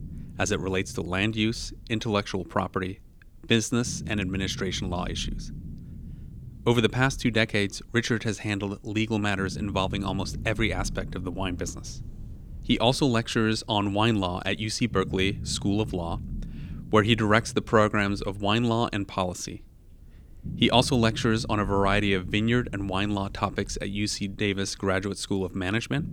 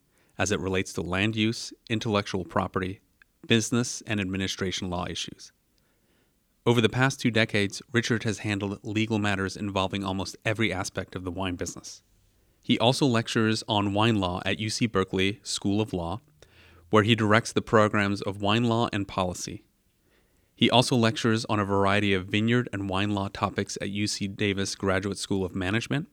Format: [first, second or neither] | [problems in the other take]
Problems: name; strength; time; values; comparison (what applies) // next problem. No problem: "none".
second | low rumble; faint; throughout; 20 dB below the speech